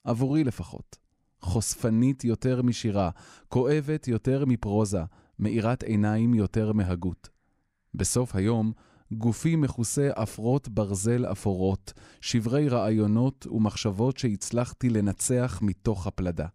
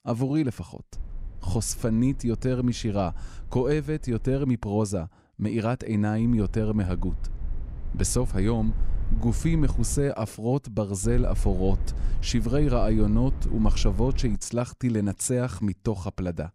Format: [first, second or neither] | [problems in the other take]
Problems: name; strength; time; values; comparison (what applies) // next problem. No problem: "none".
first | low rumble; noticeable; from 1 to 4.5 s, from 6 to 10 s and from 11 to 14 s; 20 dB below the speech